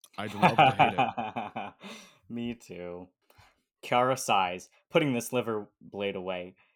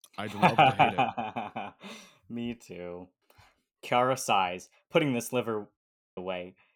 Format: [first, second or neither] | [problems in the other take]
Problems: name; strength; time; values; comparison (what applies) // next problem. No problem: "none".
first | audio cutting out; at 6 s